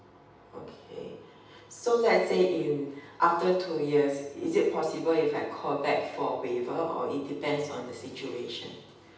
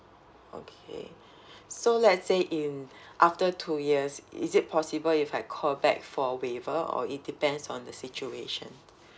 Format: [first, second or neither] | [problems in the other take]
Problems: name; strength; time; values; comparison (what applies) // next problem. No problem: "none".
second | room echo; dies away in 0.9 s